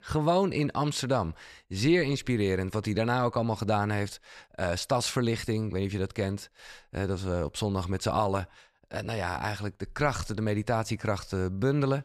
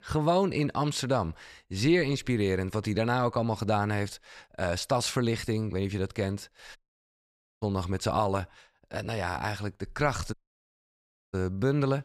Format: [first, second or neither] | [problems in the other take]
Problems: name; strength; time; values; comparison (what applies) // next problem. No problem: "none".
first | audio cutting out; at 7 s for 1 s and at 10 s for 1 s